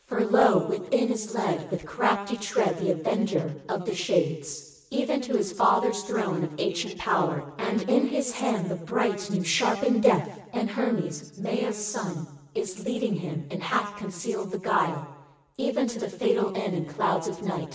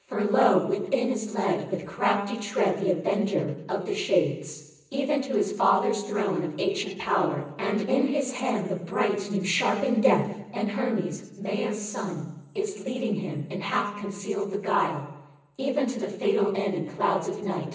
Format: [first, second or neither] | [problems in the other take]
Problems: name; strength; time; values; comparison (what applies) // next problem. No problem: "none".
first | room echo; dies away in 0.5 s